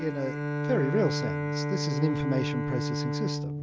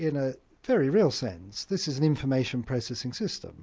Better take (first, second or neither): second